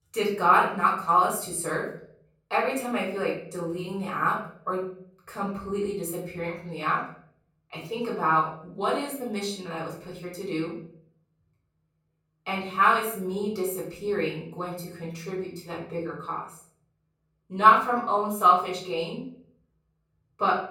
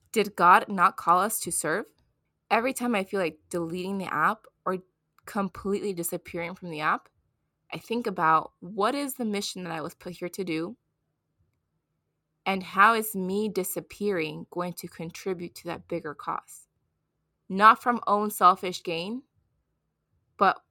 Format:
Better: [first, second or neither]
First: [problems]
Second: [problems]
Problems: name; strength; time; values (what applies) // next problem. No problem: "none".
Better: second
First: off-mic speech; far // room echo; noticeable; dies away in 0.5 s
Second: none